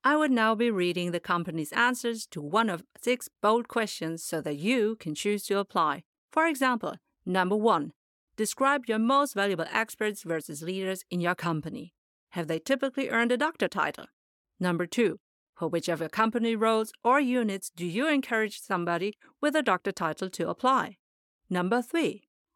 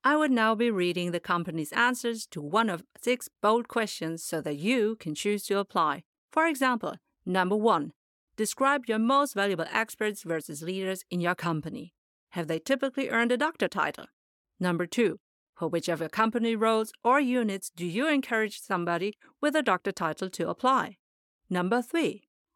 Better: neither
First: none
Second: none

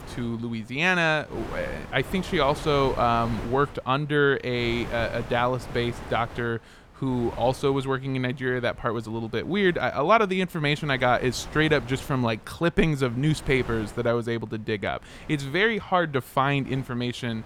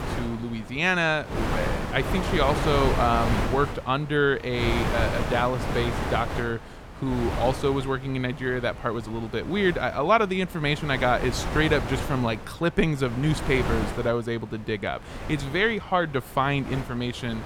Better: first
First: wind noise on the microphone; occasional gusts; 15 dB below the speech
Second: wind noise on the microphone; heavy; 7 dB below the speech

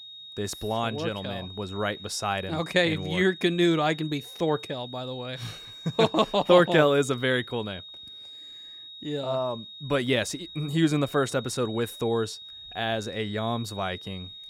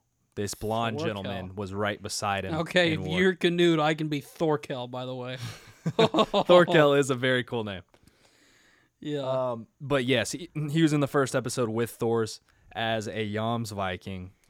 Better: second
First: high-pitched whine; noticeable; throughout; 3.5 kHz, 15 dB below the speech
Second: none

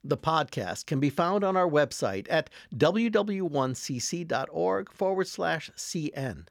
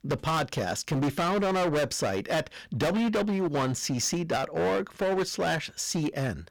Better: first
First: none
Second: distortion; heavy; 22% of the sound clipped

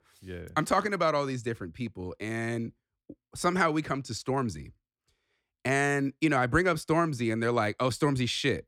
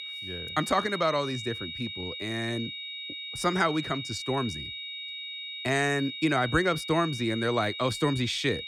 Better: first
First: none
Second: high-pitched whine; loud; throughout; 3.5 kHz, 7 dB below the speech

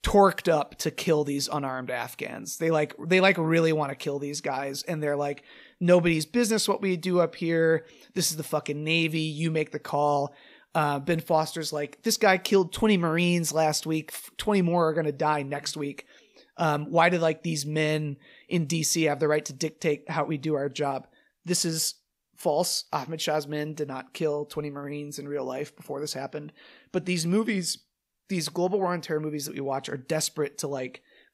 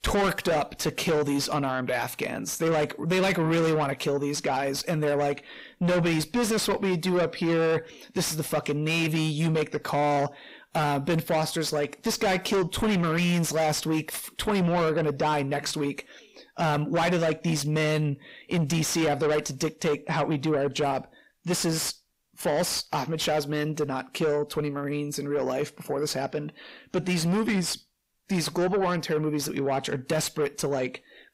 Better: first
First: none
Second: distortion; heavy; 6 dB below the speech

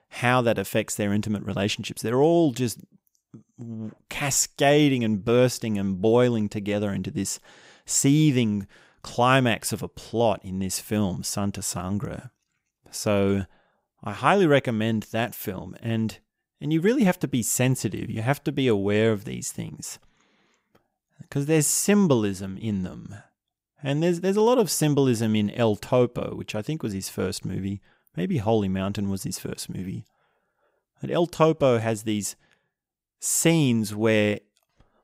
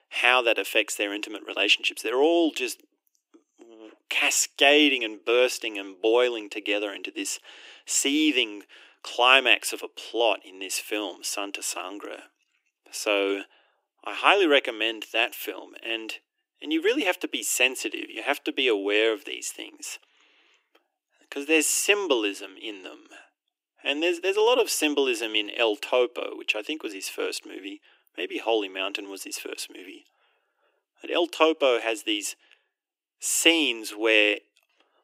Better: first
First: none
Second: thin; somewhat; fading below 300 Hz

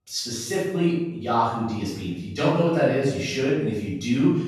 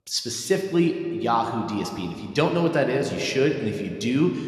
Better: second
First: room echo; strong; dies away in 0.8 s // off-mic speech; far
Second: room echo; slight; dies away in 1.8 s

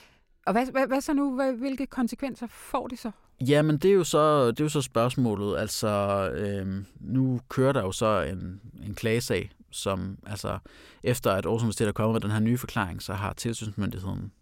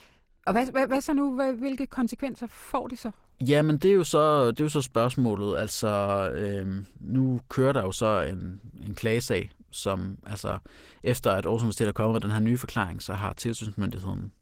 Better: first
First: none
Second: garbled, watery; slightly; nothing above 16 kHz

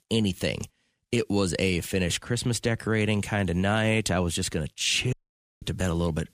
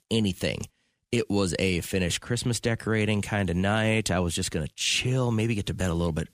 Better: second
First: audio cutting out; at 5 s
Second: none

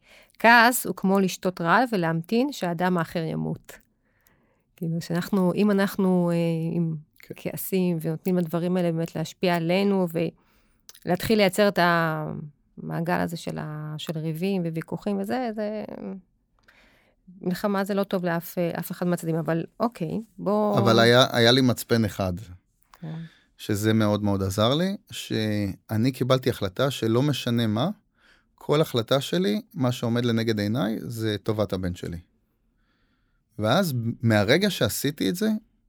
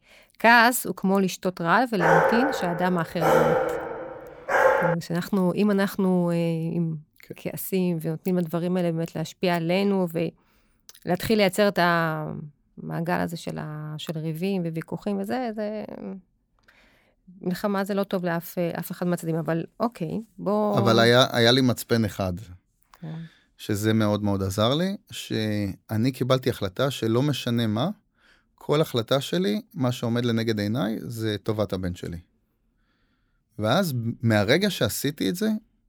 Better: first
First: none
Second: dog barking; loud; from 2 to 5 s; peak 5 dB above the speech

